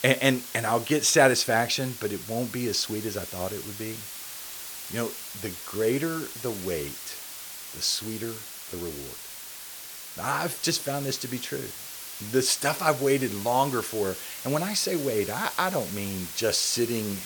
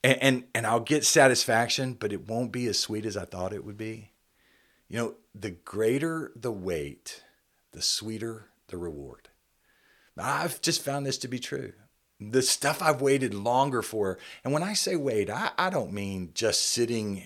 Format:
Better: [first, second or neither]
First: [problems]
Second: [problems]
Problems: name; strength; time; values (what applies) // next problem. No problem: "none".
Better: second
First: hiss; loud; throughout; 9 dB below the speech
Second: none